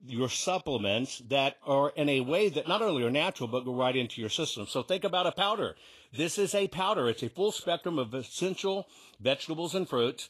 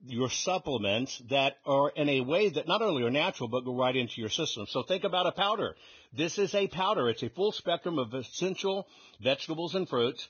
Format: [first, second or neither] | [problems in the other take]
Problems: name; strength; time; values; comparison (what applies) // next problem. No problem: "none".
first | garbled, watery; badly; nothing above 6.5 kHz; slightly in the first